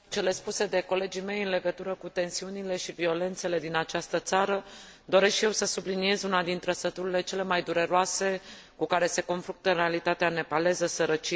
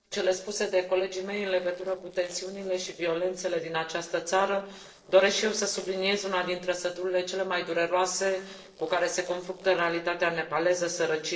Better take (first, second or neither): first